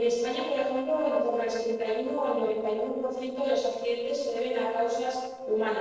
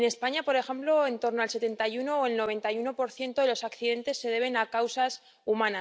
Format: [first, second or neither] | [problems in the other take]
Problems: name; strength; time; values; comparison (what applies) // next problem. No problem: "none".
second | noise reduction (neural separator model SepFormer DNS4)